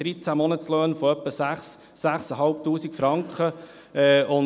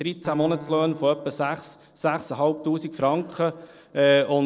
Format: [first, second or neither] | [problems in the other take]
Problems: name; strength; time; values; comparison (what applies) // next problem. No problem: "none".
first | noise reduction (neural separator model SepFormer DNS4)